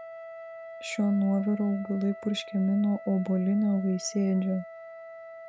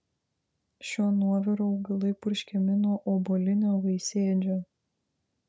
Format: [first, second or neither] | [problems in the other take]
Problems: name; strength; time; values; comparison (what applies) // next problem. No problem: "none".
second | background sound (Wind instrument, woodwind instrument); 15 dB below the speech